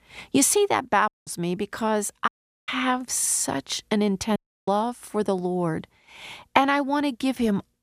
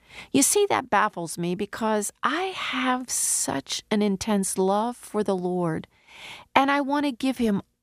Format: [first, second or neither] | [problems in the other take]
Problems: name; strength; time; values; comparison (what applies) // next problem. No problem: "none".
second | audio cutting out; at 1 s, at 2.5 s and at 4.5 s